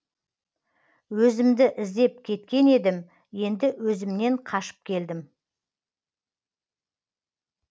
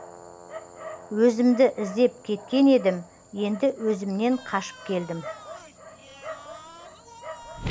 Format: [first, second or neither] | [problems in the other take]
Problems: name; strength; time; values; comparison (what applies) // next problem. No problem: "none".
first | background sound (Dog); 15 dB below the speech